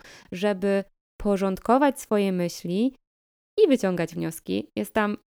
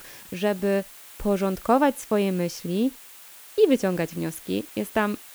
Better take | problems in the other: first | hiss; noticeable; throughout; 20 dB below the speech

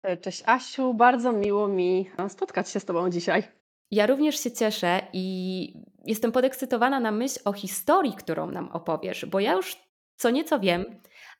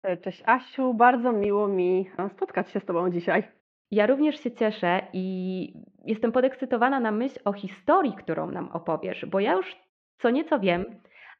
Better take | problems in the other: first | muffled; very; fading above 3 kHz

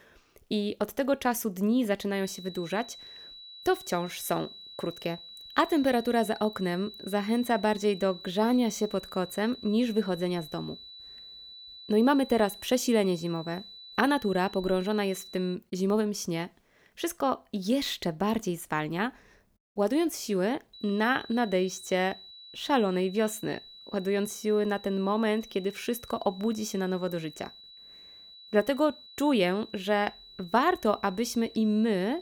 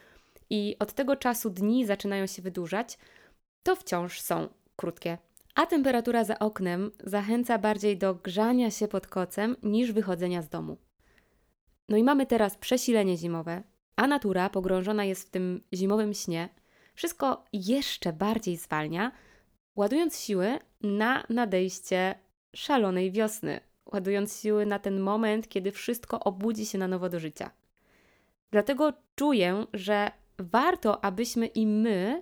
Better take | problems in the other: second | high-pitched whine; noticeable; from 2 to 16 s and from 21 s on; 4 kHz, 15 dB below the speech

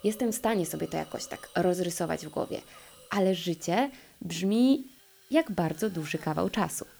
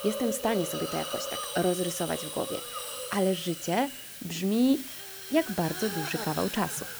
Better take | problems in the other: first | hiss; loud; throughout; 6 dB below the speech; faint in the first

